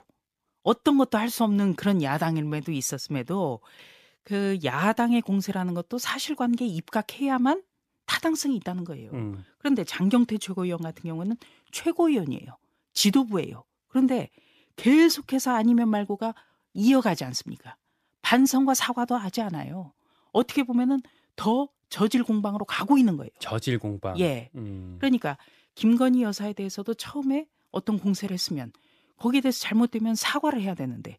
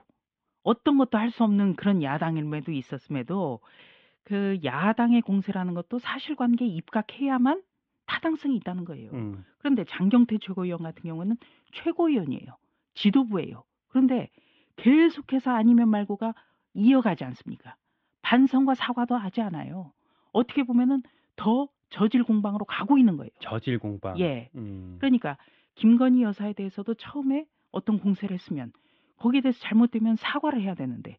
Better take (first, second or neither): first